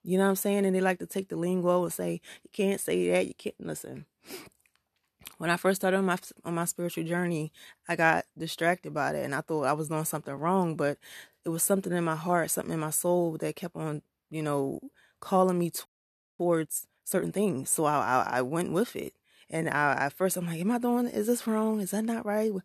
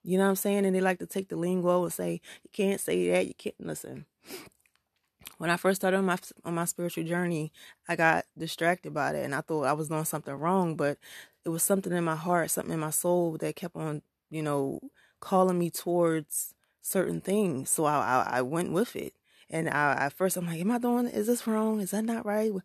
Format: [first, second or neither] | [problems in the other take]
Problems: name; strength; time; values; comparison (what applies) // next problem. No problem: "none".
second | audio freezing; at 16 s for 0.5 s